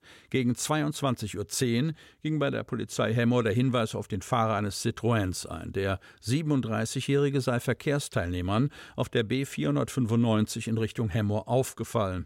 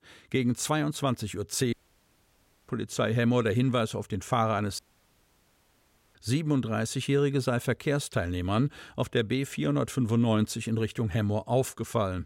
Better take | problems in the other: first | audio cutting out; at 1.5 s for 1 s and at 5 s for 1.5 s

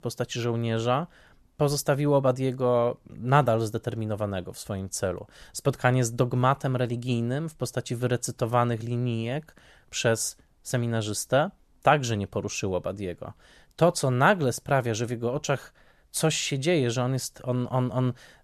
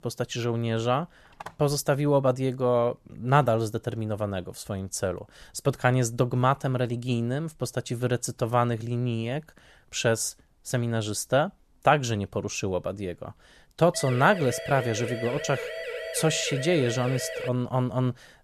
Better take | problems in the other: first | phone ringing; faint; at 1.5 s; peak 15 dB below the speech // siren; noticeable; from 14 to 17 s; peak 6 dB below the speech

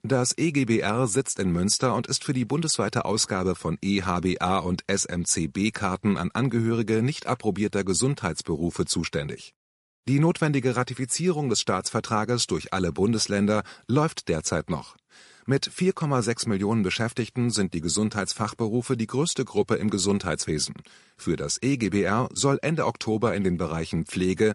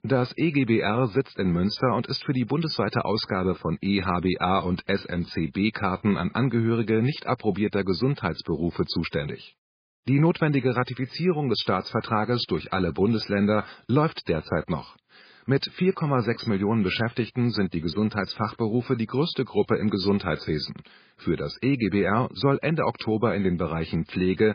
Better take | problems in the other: first | garbled, watery; badly; nothing above 5 kHz; slightly in the first

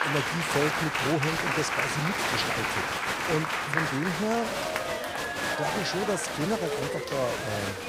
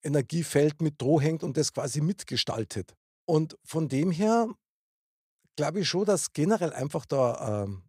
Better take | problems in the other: second | crowd noise; very loud; throughout; 3 dB above the speech

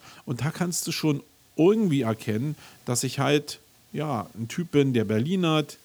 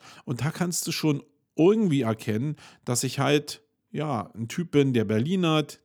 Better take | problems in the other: second | hiss; faint; throughout; 30 dB below the speech

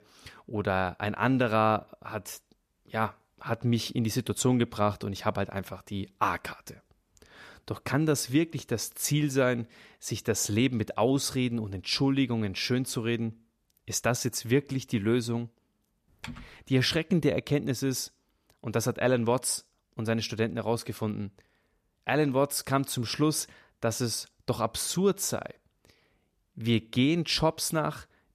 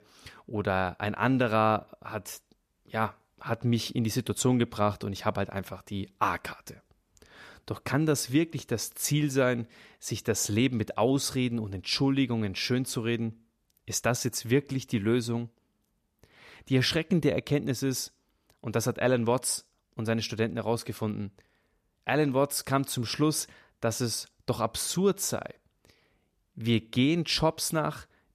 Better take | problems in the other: second | keyboard typing; faint; at 16 s; peak 15 dB below the speech

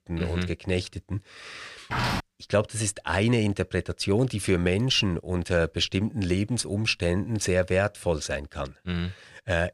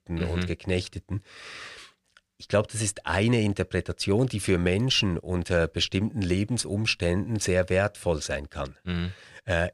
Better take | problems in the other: second | footsteps; noticeable; at 2 s; peak 1 dB below the speech

